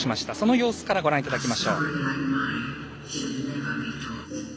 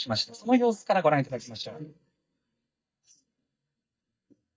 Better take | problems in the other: first | noise reduction (neural mask model DeepFilterNet 3)

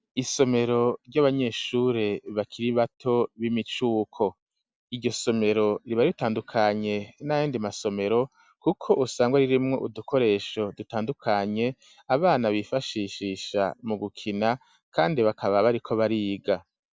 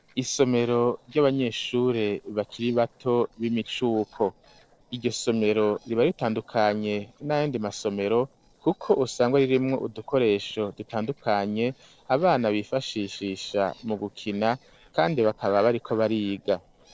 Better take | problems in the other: first | noise reduction (neural separator model SepFormer DNS4)

